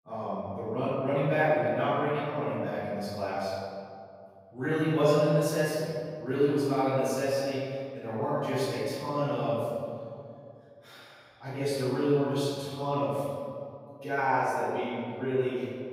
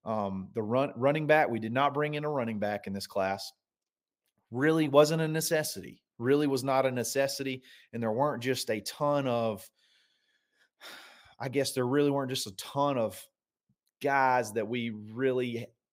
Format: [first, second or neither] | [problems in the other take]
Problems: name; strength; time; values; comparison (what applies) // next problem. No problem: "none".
second | room echo; strong; dies away in 2.2 s // off-mic speech; far